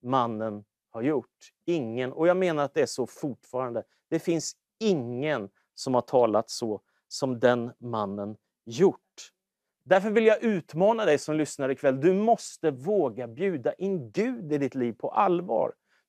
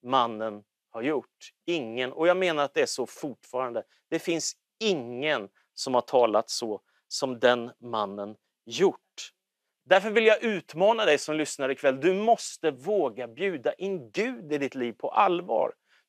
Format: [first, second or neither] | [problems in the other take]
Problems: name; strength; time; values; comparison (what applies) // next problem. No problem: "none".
first | thin; very slightly; fading below 900 Hz